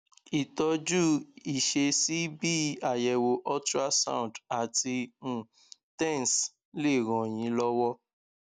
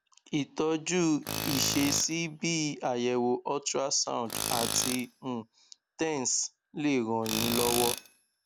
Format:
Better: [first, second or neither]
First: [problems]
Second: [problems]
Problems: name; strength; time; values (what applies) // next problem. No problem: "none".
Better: first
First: none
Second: background sound (Tools); 7 dB below the speech